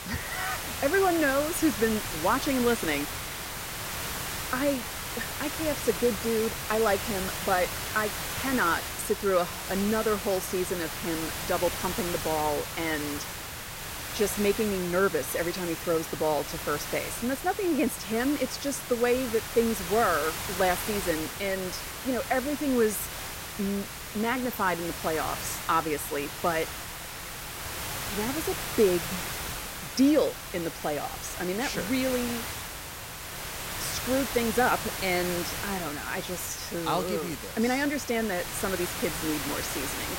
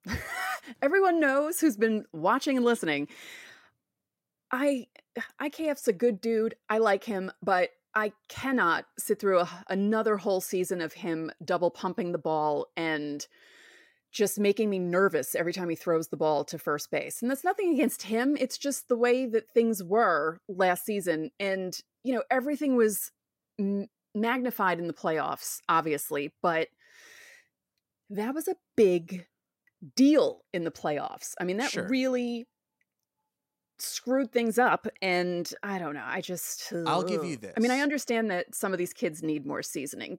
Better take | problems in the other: second | hiss; loud; throughout; 5 dB below the speech

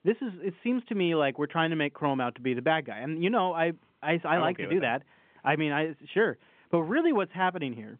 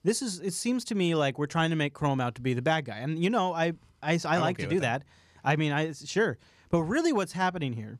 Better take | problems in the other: second | phone-call audio; nothing above 3.5 kHz

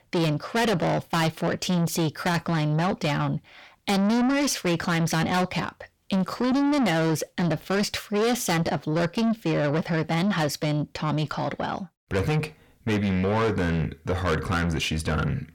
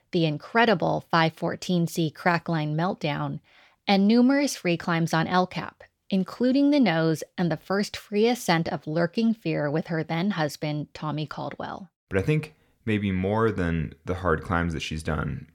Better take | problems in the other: second | distortion; heavy; 6 dB below the speech

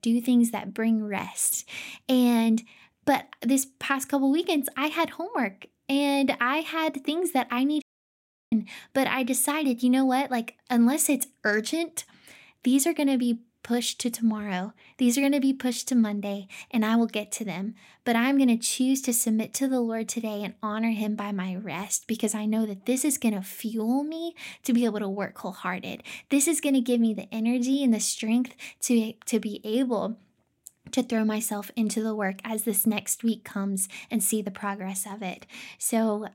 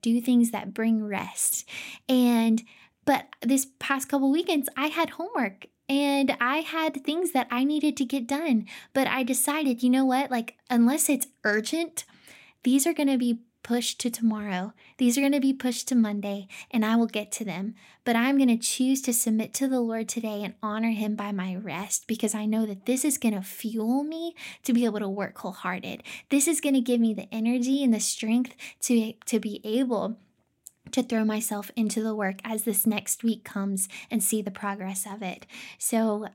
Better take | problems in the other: second | audio cutting out; at 8 s for 0.5 s

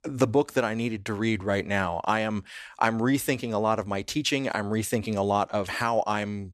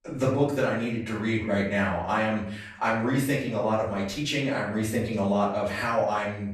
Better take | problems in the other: first | off-mic speech; far // room echo; noticeable; dies away in 0.6 s

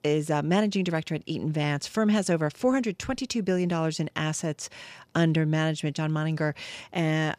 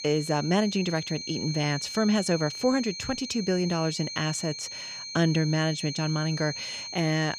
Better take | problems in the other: first | high-pitched whine; loud; throughout; 4 kHz, 7 dB below the speech

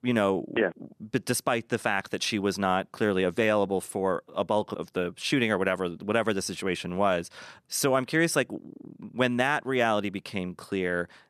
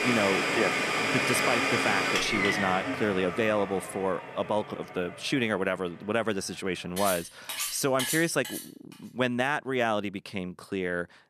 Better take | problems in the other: first | household noises; very loud; until 8.5 s; 1 dB above the speech

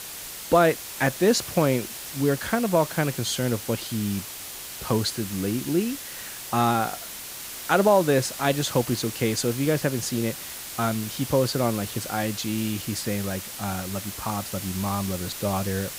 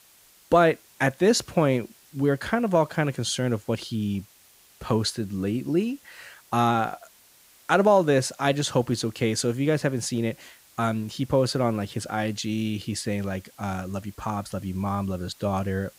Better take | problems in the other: second | hiss; loud; throughout; 8 dB below the speech; faint in the second

